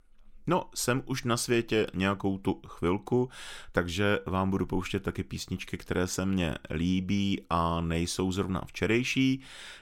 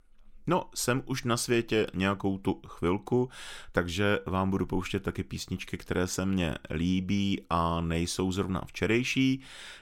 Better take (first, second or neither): neither